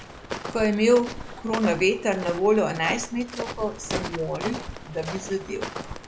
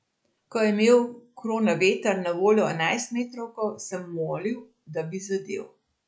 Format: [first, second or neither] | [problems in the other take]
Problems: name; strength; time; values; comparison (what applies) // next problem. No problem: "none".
second | background sound (Walk, footsteps); 9 dB below the speech